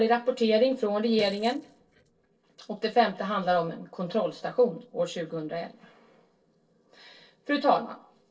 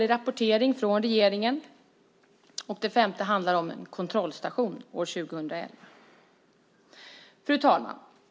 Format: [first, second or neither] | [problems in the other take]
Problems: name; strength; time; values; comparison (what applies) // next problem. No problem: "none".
second | noise reduction (neural separator model SepFormer DNS4)